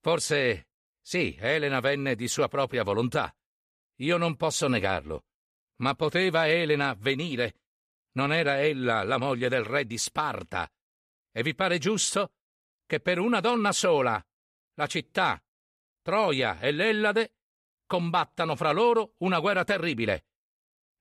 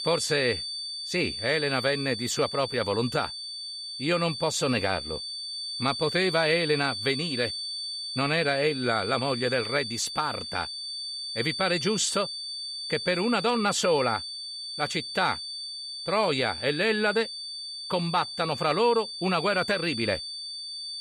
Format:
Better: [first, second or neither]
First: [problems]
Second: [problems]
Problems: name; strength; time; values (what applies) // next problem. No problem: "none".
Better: first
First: none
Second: high-pitched whine; loud; throughout; 4.5 kHz, 6 dB below the speech